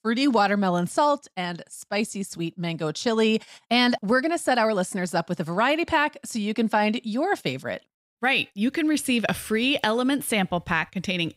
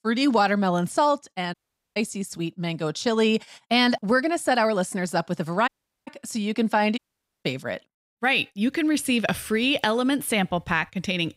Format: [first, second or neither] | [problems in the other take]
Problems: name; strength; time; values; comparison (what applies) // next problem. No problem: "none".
first | audio cutting out; at 1.5 s, at 5.5 s and at 7 s